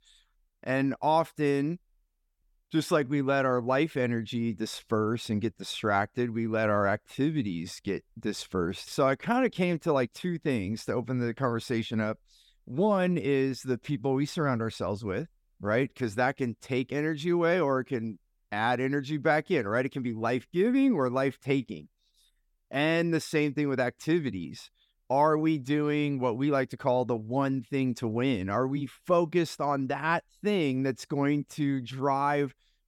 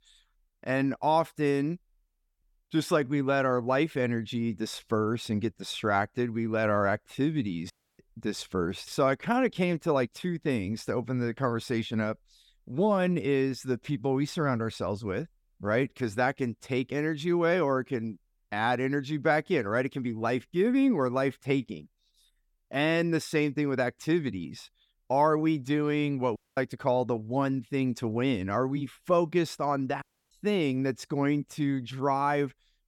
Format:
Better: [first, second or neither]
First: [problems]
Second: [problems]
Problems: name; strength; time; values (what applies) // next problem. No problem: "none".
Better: first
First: none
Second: audio cutting out; at 7.5 s, at 26 s and at 30 s